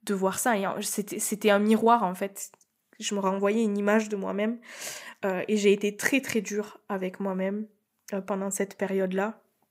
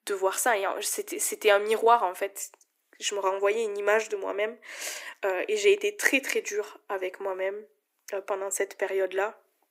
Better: first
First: none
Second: thin; very; fading below 300 Hz

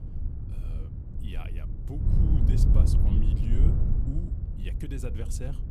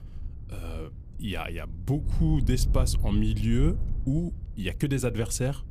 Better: second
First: wind noise on the microphone; heavy; 2 dB above the speech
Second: wind noise on the microphone; occasional gusts; 15 dB below the speech

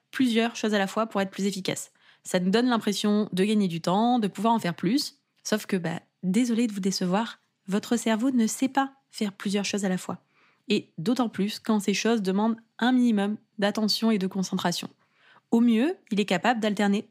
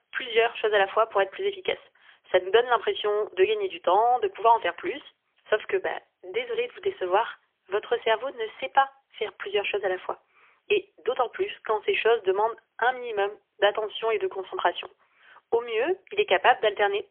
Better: first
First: none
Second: phone-call audio; poor line; nothing above 3.5 kHz

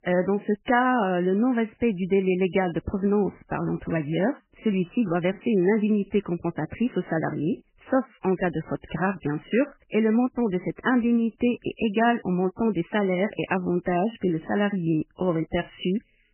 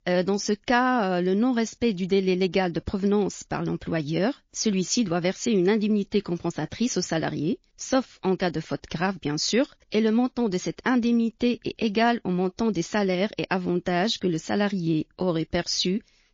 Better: second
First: garbled, watery; badly; nothing above 3 kHz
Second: garbled, watery; slightly; nothing above 6.5 kHz

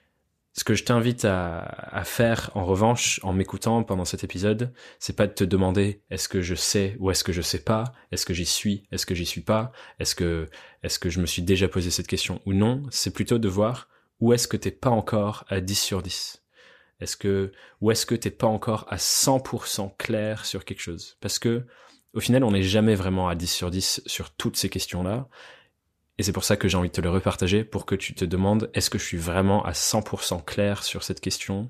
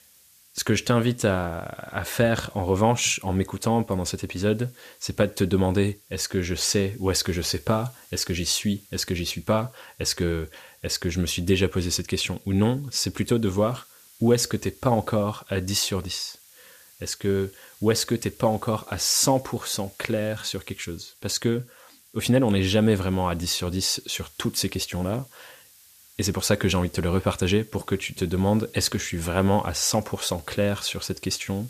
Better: first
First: none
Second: hiss; faint; throughout; 25 dB below the speech

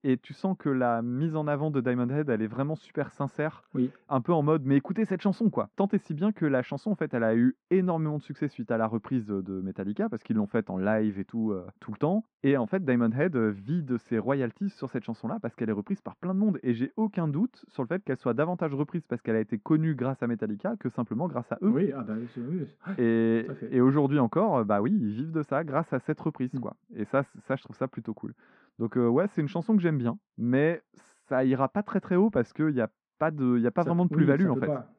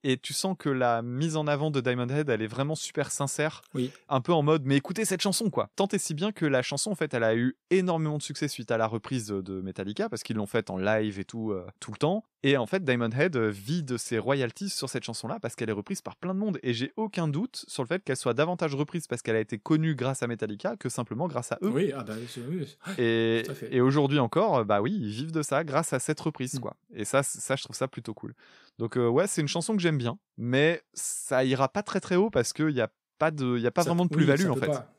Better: second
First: muffled; very; fading above 1.5 kHz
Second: none

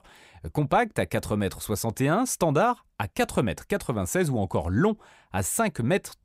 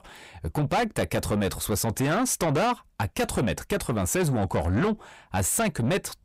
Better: first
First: none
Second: distortion; heavy; 7 dB below the speech

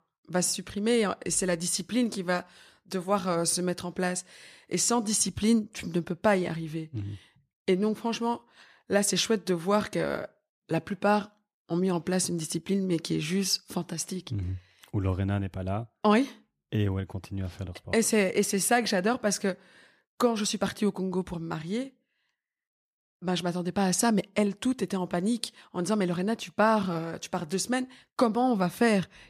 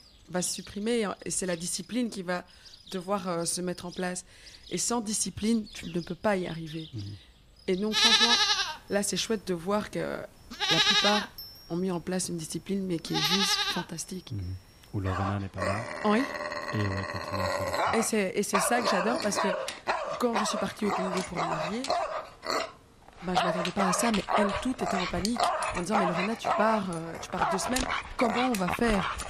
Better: first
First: none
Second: animal sounds; very loud; throughout; 3 dB above the speech

